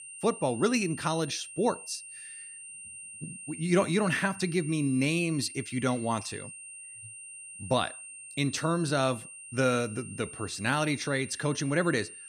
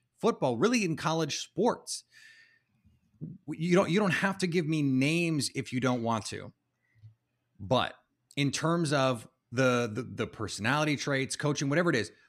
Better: second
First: high-pitched whine; noticeable; throughout; 9 kHz, 15 dB below the speech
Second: none

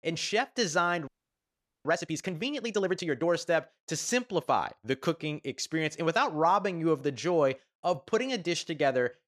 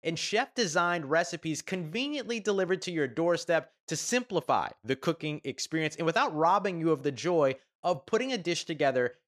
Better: second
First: audio freezing; at 1 s for 1 s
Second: none

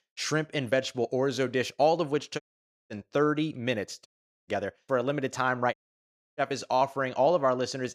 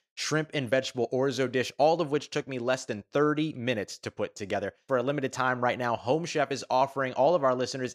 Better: second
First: audio cutting out; at 2.5 s for 0.5 s, at 4 s and at 5.5 s for 0.5 s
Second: none

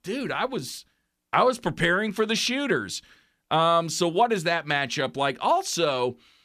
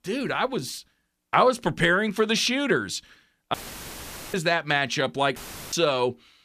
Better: first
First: none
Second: audio cutting out; filled with static; at 3.5 s for 1 s and at 5.5 s

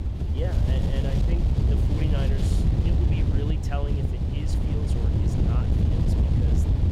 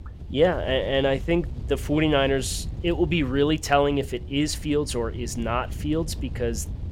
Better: second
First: wind noise on the microphone; heavy; 4 dB above the speech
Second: wind noise on the microphone; occasional gusts; 20 dB below the speech

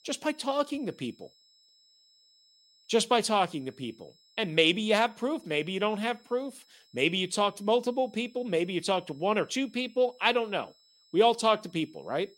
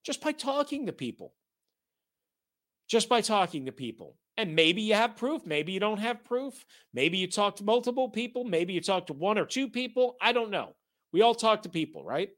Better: second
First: high-pitched whine; faint; throughout; 5 kHz, 30 dB below the speech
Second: none

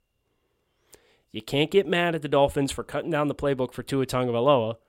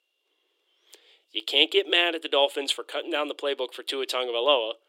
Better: first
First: none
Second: thin; somewhat; fading below 300 Hz

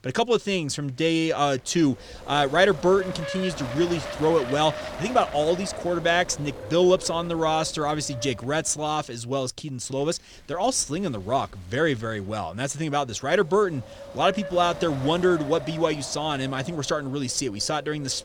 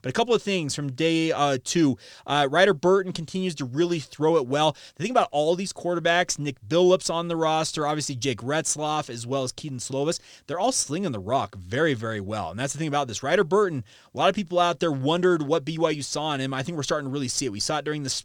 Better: second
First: wind noise on the microphone; occasional gusts; 10 dB below the speech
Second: none

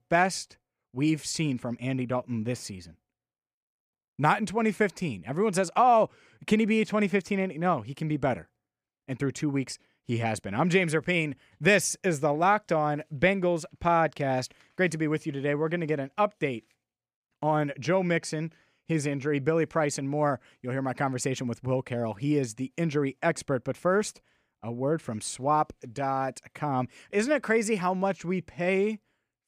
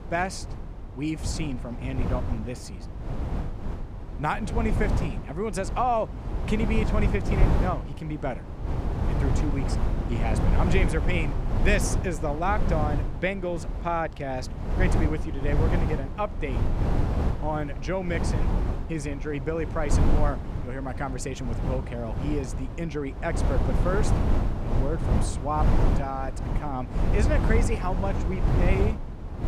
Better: first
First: none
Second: wind noise on the microphone; heavy; 5 dB below the speech

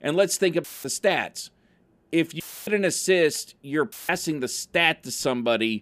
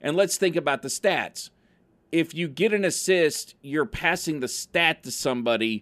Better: second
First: audio cutting out; filled with static; at 0.5 s, at 2.5 s and at 4 s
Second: none

